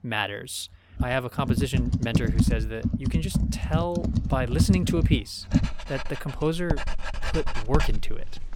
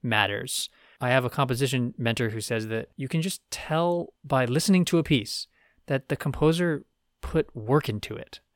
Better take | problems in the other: second | household noises; very loud; throughout; 2 dB above the speech

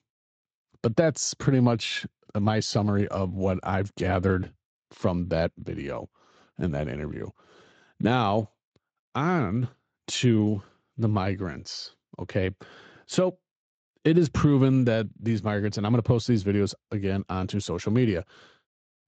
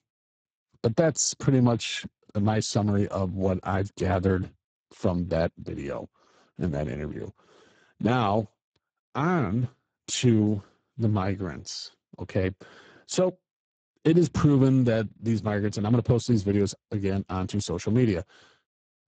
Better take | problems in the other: first | garbled, watery; badly; nothing above 7.5 kHz; slightly in the first

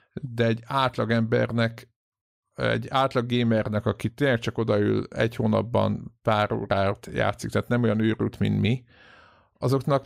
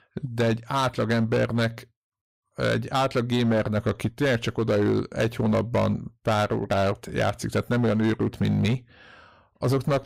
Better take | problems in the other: first | distortion; slight; 9% of the sound clipped

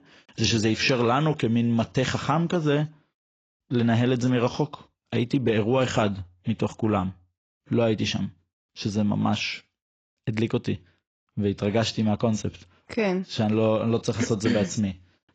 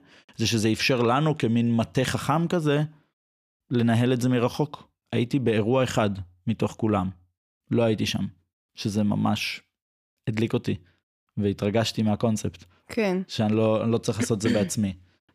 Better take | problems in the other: second | garbled, watery; badly; nothing above 7.5 kHz

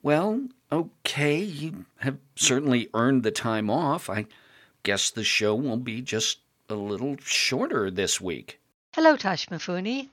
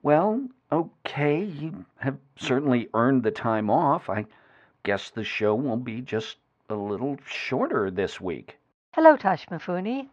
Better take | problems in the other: first | muffled; very; fading above 2 kHz

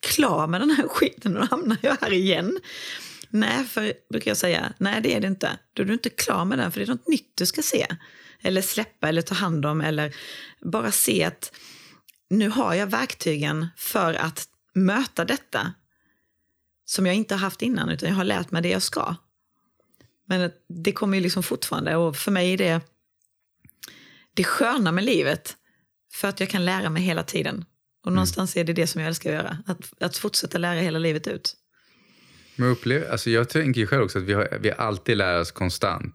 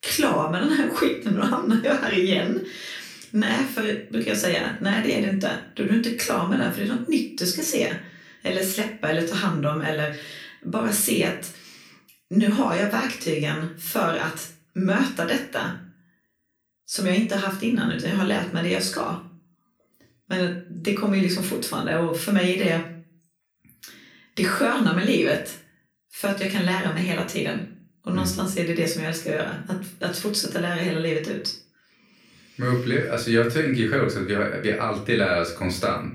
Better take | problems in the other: first | room echo; slight; dies away in 0.3 s // off-mic speech; far

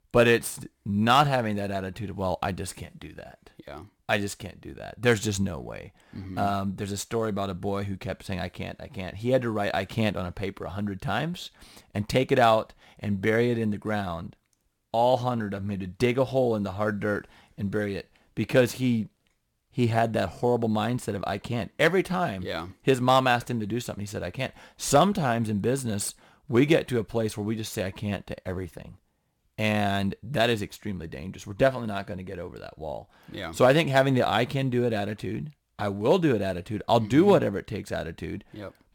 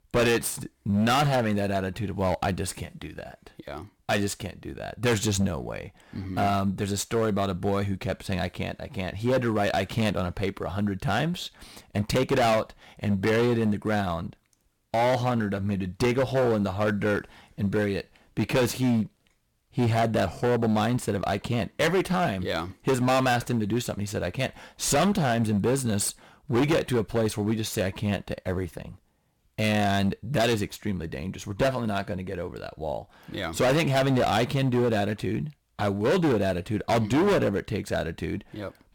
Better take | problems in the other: first | distortion; heavy; 9% of the sound clipped

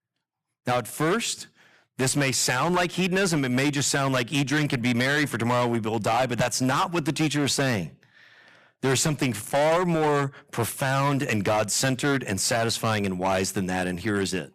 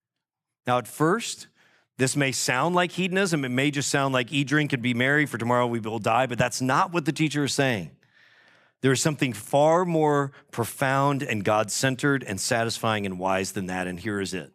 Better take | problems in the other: second | distortion; heavy; 12% of the sound clipped

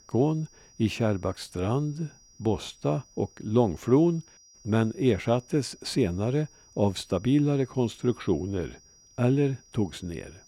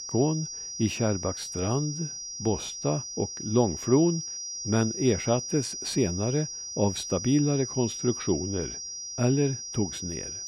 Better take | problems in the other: first | high-pitched whine; loud; throughout; 5.5 kHz, 6 dB below the speech; faint in the first

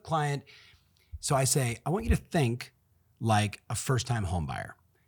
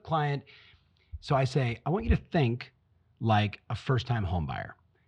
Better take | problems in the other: first | muffled; slightly; fading above 3.5 kHz

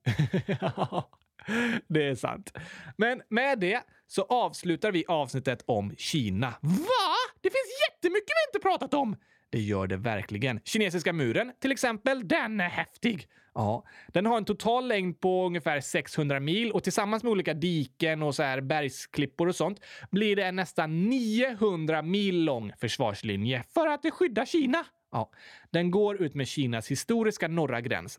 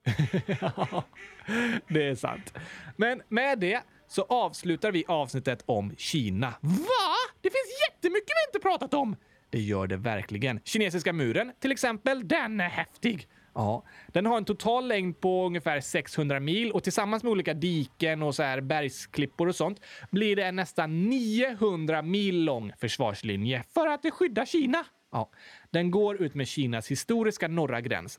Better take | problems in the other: first | animal sounds; faint; throughout; 30 dB below the speech

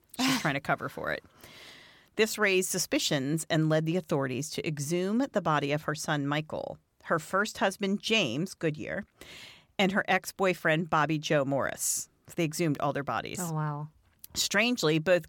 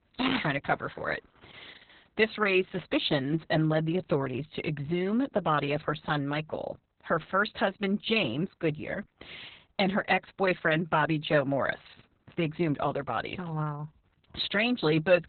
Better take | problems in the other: first | garbled, watery; badly; nothing above 4 kHz

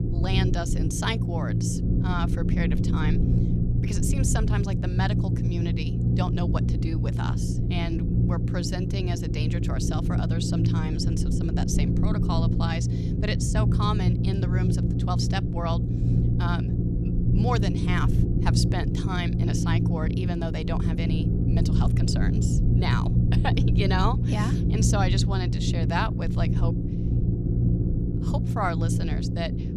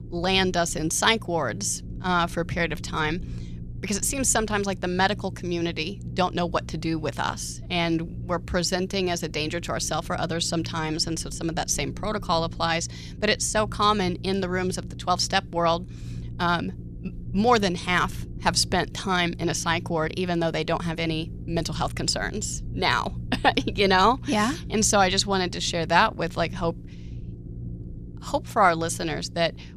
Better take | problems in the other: second | low rumble; loud; throughout; 2 dB below the speech; faint in the second

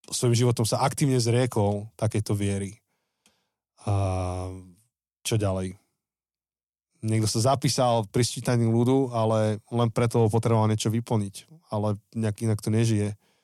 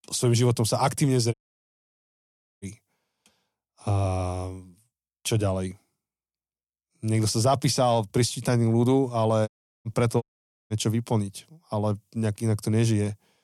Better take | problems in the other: first | audio cutting out; at 1.5 s for 1.5 s, at 9.5 s and at 10 s

